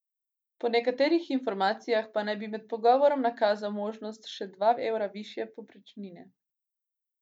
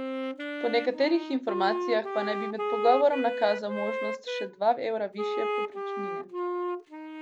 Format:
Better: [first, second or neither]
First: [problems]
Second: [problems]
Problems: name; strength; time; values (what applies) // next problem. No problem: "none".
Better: first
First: none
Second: background sound (Wind instrument, woodwind instrument); 4 dB below the speech